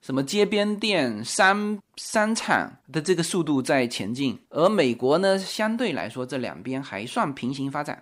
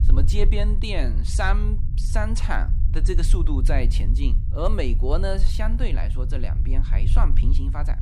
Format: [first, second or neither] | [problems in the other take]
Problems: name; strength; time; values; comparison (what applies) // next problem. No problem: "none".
first | low rumble; noticeable; throughout; 10 dB below the speech